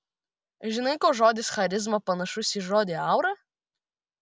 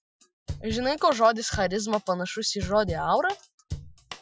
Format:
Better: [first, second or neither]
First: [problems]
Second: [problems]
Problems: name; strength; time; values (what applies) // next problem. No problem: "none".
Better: first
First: none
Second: noise reduction (classical method Wiener filter)